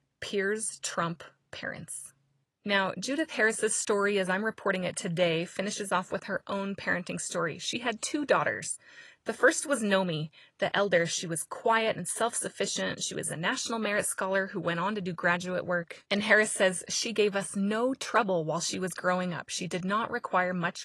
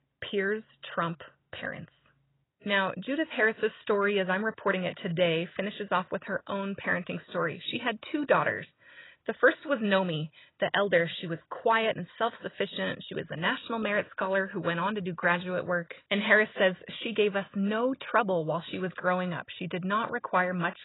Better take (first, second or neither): first